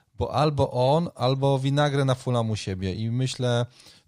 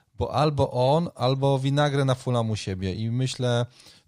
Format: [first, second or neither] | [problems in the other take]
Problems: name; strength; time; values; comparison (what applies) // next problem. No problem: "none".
neither | none